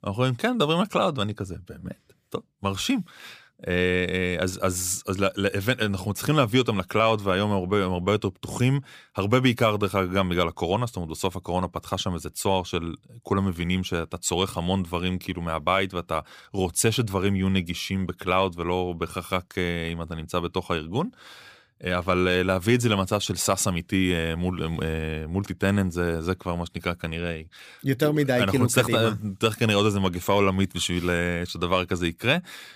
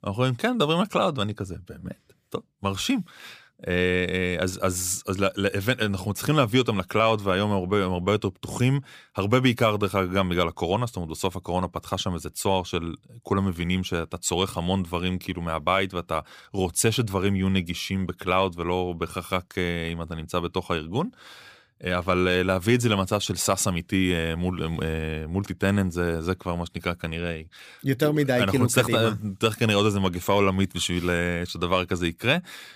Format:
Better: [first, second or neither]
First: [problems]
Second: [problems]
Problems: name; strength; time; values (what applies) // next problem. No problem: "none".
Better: neither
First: none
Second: none